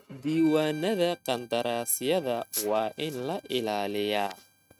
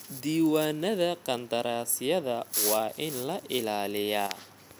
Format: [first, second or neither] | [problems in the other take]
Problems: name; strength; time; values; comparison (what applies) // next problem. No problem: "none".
second | noise reduction (neural mask model RNNoise)